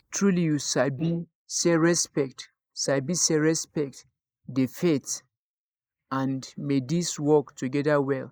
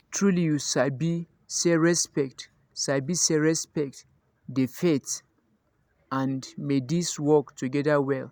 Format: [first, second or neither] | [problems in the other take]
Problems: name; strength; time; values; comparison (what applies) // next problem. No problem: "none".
second | noise reduction (neural mask model Resemble Enhance denoiser)